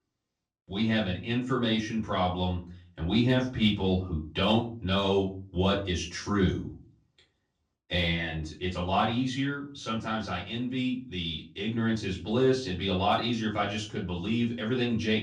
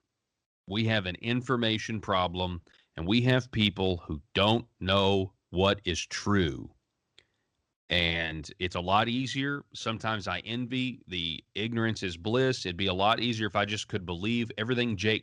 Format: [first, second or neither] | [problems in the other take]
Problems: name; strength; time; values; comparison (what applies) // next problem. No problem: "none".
second | room echo; slight; dies away in 0.3 s // off-mic speech; far